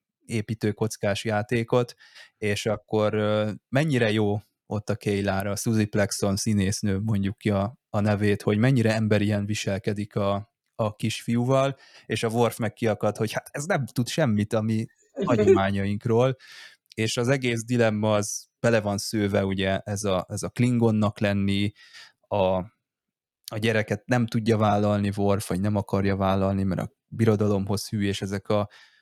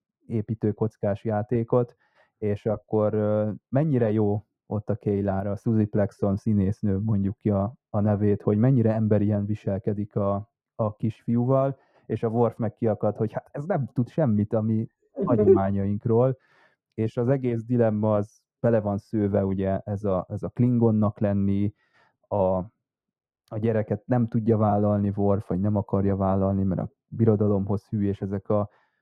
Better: first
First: none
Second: muffled; very; fading above 2 kHz

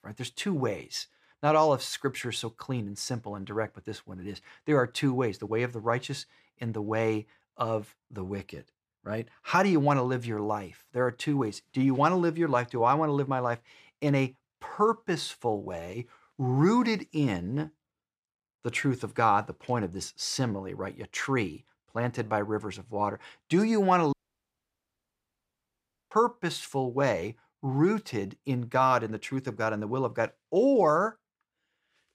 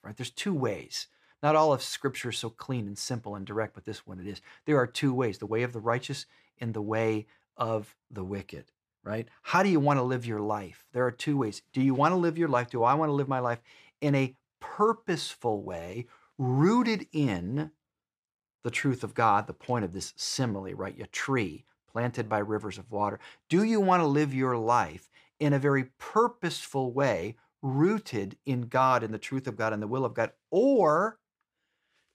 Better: second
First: audio cutting out; at 24 s for 2 s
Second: none

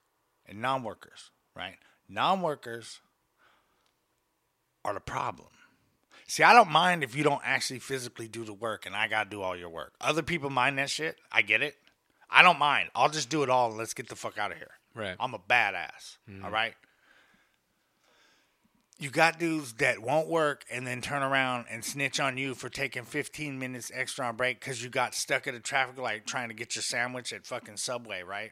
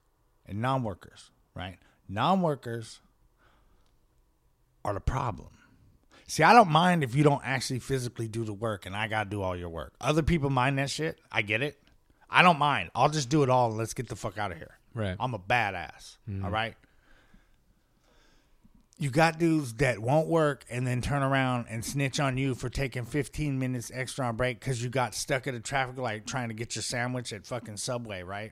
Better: second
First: thin; somewhat; fading below 550 Hz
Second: none

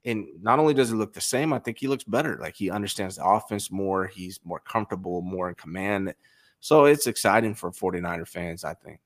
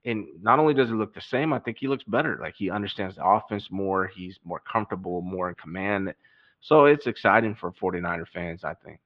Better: first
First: none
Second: muffled; very; fading above 3.5 kHz

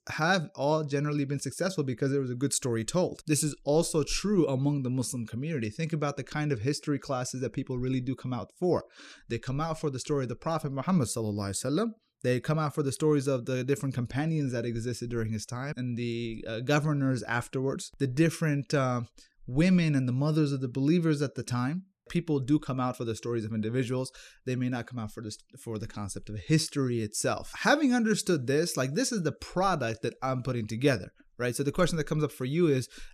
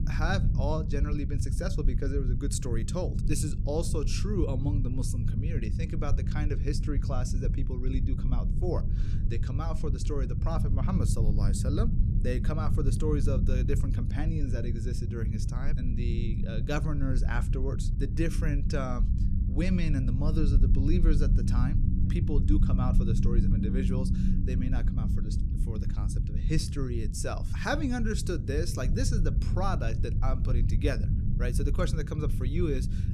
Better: first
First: none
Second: low rumble; loud; throughout; 6 dB below the speech

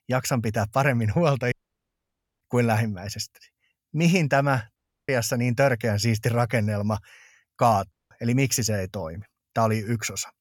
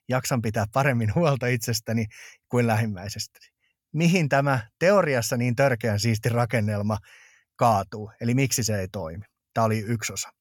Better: second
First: audio cutting out; at 1.5 s for 1 s, at 5 s and at 8 s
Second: none

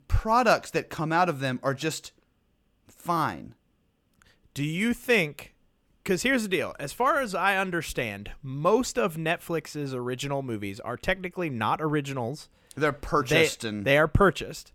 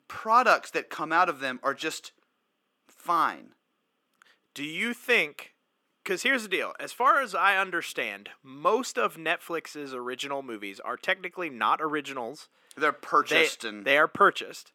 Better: first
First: none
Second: thin; somewhat; fading below 250 Hz

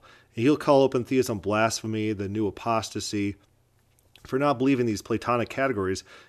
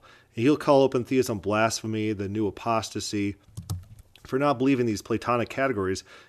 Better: first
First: none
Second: keyboard typing; faint; at 3.5 s; peak 10 dB below the speech

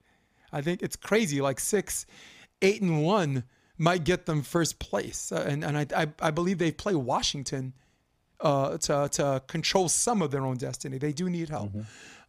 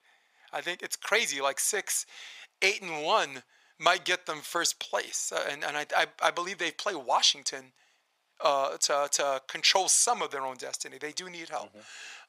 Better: first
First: none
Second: thin; very; fading below 750 Hz

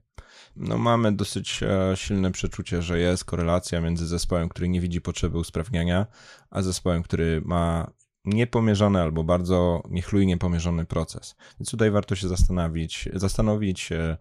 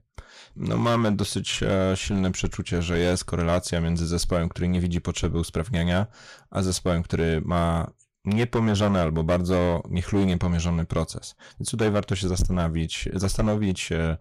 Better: first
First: none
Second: distortion; slight; 8% of the sound clipped

